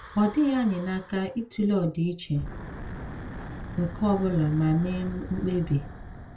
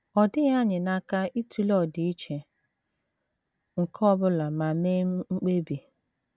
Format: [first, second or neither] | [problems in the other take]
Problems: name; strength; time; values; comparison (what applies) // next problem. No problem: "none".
second | background sound (Wind / Breathing); 12 dB below the speech // room echo; dies away in 0.2 s